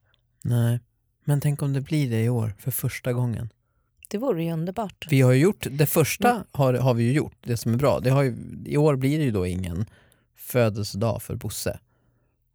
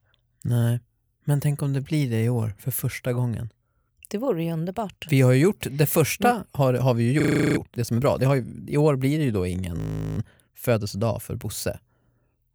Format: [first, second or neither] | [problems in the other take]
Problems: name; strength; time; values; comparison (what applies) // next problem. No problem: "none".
first | audio freezing; at 7 s and at 10 s